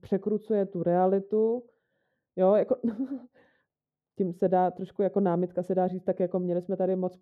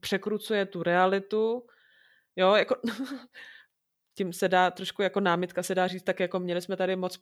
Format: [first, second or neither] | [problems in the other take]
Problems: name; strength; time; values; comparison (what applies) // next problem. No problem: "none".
second | muffled; very; fading above 1 kHz